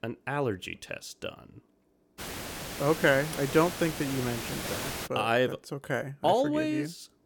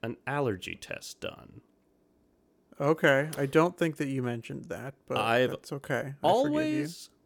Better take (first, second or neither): second